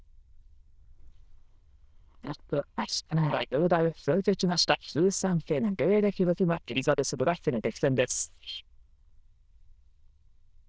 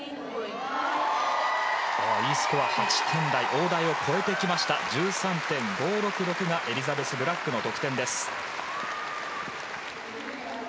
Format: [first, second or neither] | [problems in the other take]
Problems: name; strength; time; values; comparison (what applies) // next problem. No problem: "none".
second | noise reduction (neural diffusion model UNIVERSE++)